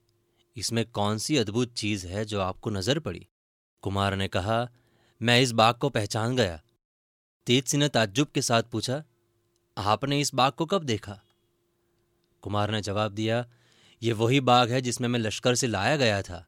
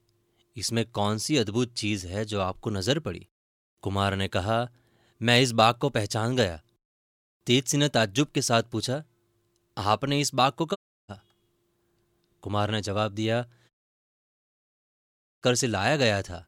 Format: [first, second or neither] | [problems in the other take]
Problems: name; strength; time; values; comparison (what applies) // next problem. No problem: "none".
first | audio cutting out; at 11 s and at 14 s for 1.5 s